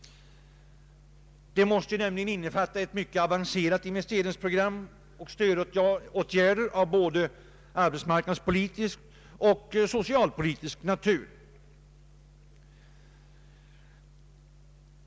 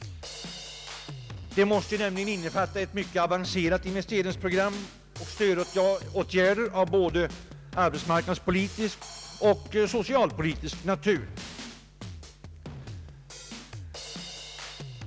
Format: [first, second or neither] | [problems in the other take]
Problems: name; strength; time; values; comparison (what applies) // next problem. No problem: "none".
first | background sound (Drum kit); 13 dB below the speech